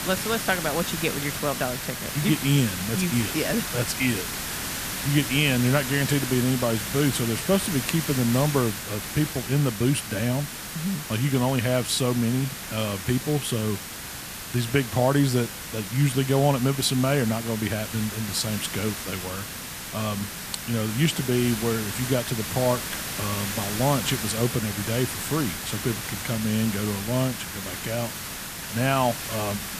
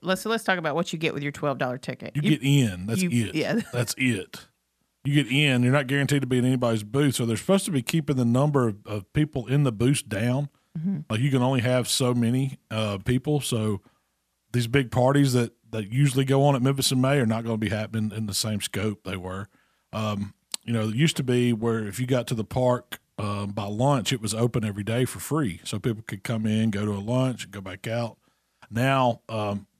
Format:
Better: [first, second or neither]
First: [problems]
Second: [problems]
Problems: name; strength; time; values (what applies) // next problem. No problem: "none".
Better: second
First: hiss; loud; throughout; 5 dB below the speech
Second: none